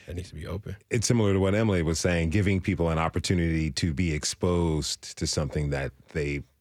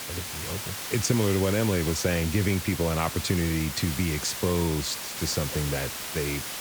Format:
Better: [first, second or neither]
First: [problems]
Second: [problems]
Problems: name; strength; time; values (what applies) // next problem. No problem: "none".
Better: first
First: none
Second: hiss; loud; throughout; 5 dB below the speech